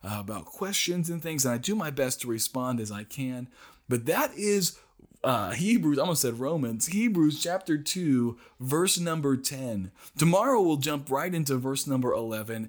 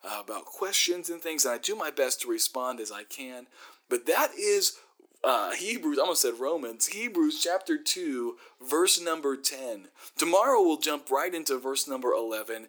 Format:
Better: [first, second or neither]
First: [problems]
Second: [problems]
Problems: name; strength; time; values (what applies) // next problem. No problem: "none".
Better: first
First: none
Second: thin; somewhat; fading below 350 Hz